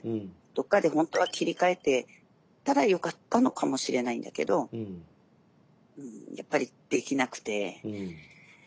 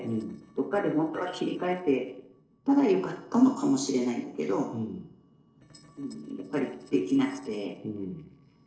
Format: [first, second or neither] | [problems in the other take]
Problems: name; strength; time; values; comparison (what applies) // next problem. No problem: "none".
first | noise reduction (neural separator model SepFormer DNS4)